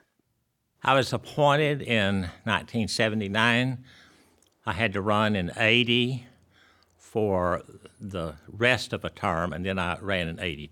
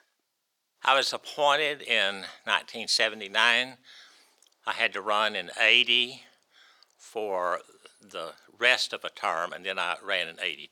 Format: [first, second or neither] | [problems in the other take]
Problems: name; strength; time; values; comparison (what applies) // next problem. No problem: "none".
first | thin; very; fading below 600 Hz